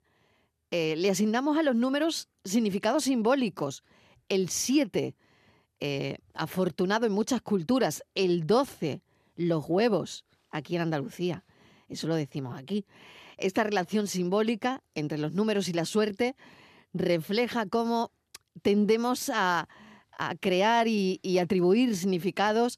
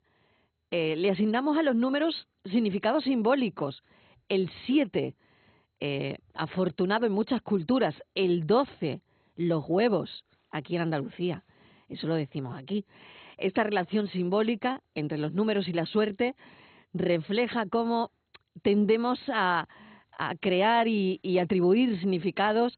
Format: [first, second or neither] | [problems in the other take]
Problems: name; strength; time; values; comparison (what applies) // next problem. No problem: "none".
first | garbled, watery; badly; nothing above 4 kHz